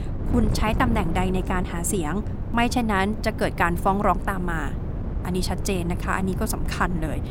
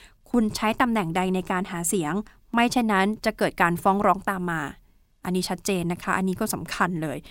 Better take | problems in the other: second | wind noise on the microphone; occasional gusts; 15 dB below the speech

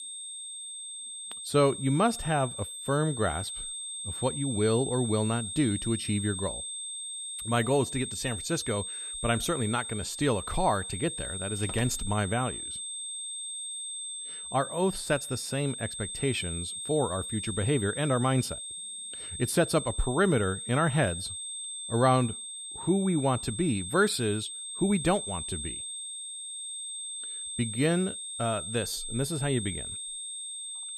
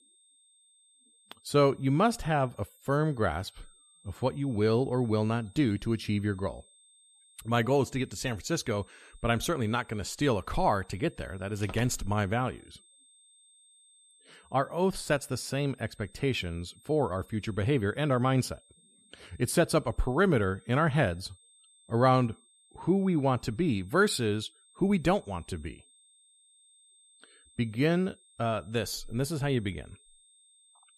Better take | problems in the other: second | high-pitched whine; loud; throughout; 8.5 kHz, 6 dB below the speech; faint in the second

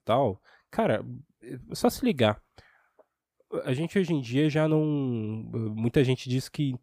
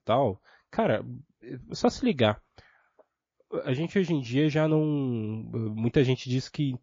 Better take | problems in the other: first | garbled, watery; slightly

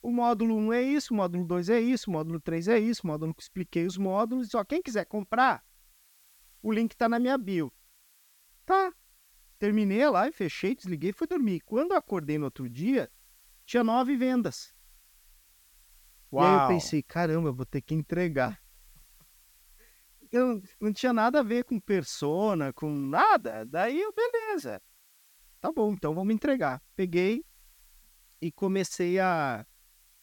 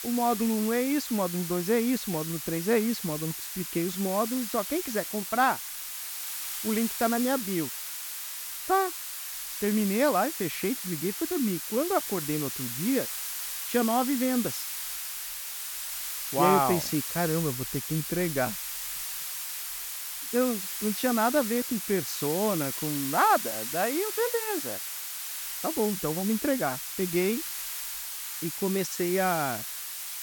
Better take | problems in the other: first | hiss; loud; throughout; 4 dB below the speech; faint in the first

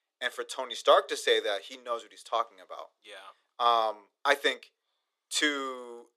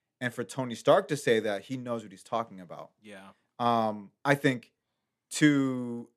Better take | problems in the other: second | thin; very; fading below 400 Hz

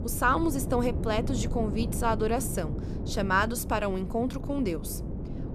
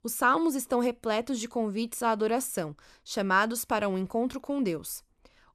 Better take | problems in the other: second | wind noise on the microphone; occasional gusts; 15 dB below the speech

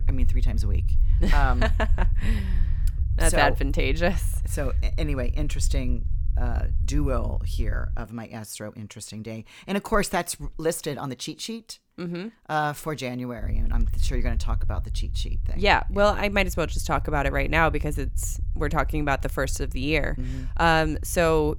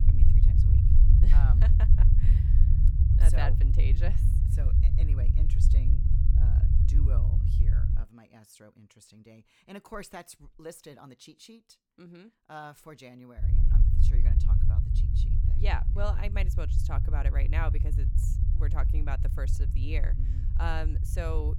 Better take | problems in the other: first | low rumble; loud; until 8 s and from 13 s on; 3 dB below the speech; faint in the first

